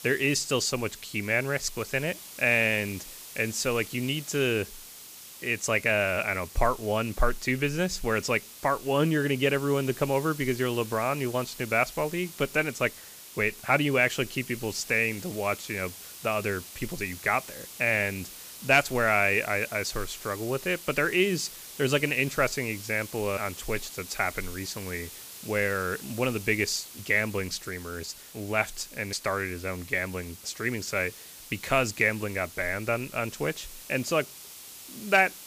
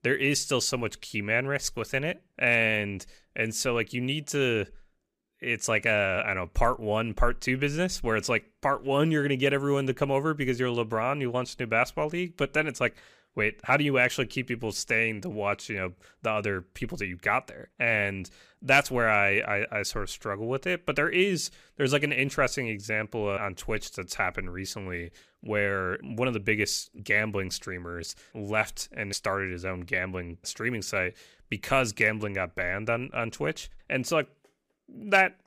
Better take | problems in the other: second | hiss; noticeable; throughout; 15 dB below the speech

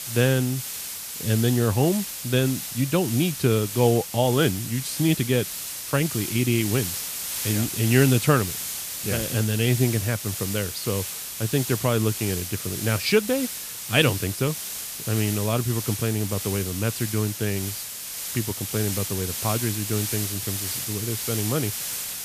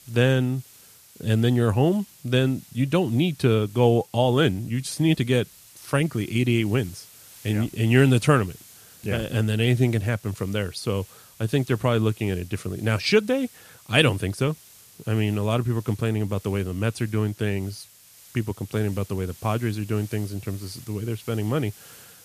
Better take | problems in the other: second | hiss; loud; throughout; 5 dB below the speech; faint in the second

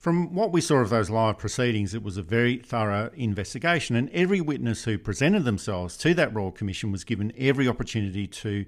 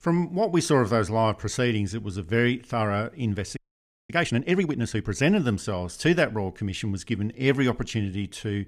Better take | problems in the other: first | audio freezing; at 3.5 s for 0.5 s

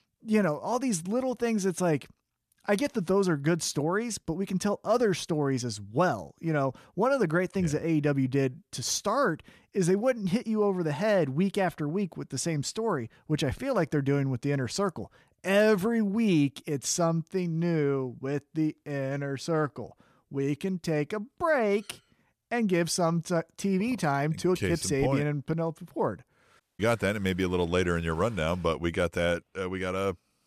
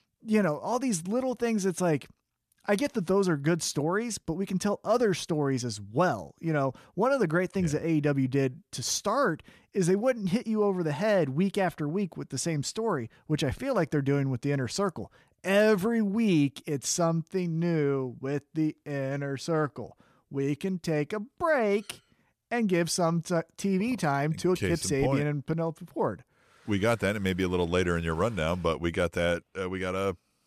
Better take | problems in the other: second | audio cutting out; at 27 s

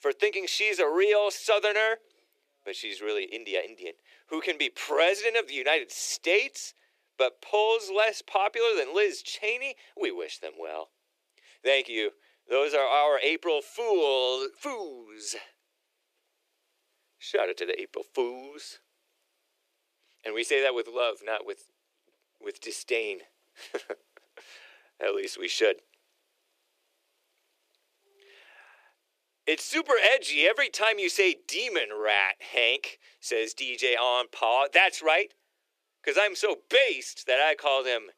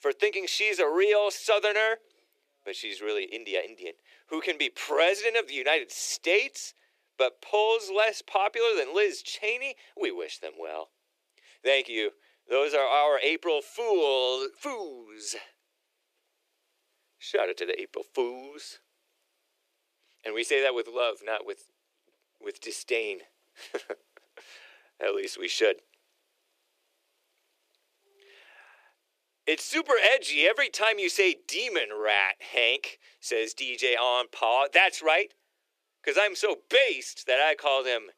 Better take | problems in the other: neither | thin; very; fading below 350 Hz; the same in both

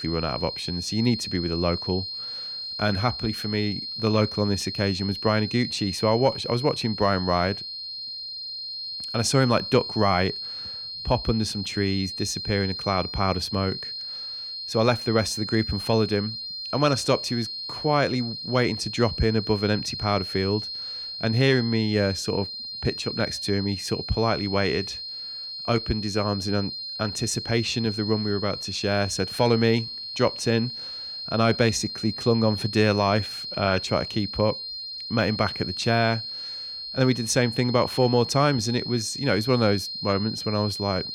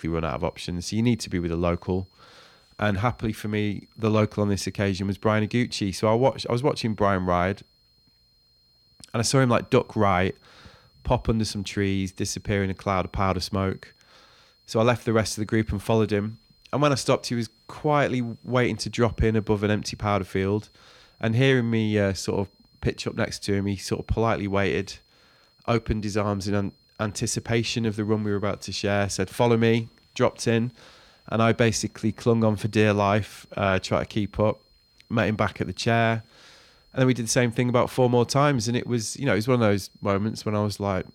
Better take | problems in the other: second | high-pitched whine; loud; throughout; 4 kHz, 6 dB below the speech; faint in the second

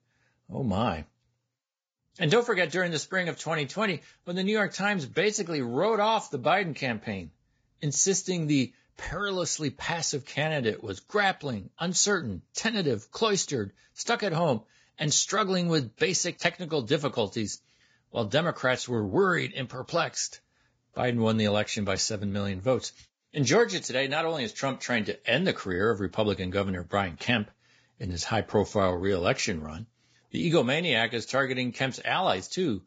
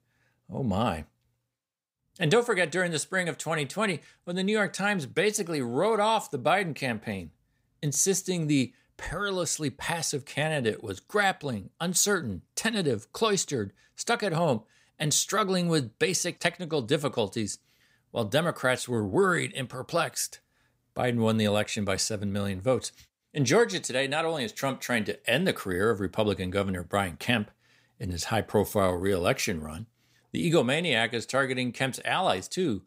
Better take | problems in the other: second | garbled, watery; badly; nothing above 7.5 kHz

